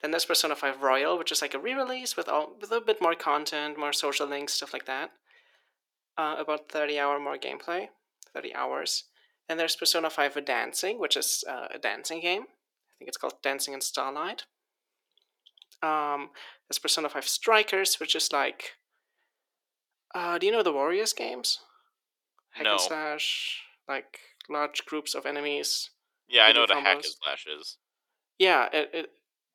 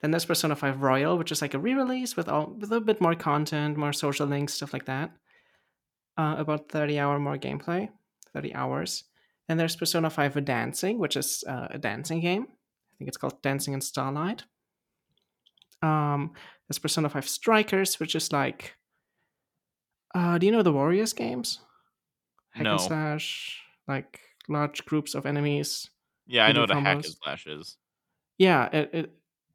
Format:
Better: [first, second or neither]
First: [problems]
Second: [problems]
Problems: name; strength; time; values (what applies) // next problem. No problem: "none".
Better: second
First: thin; very; fading below 400 Hz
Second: none